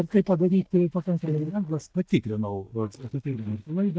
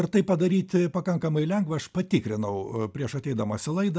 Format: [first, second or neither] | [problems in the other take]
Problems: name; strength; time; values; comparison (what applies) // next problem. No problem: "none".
second | noise reduction (neural mask model DeepFilterNet 3)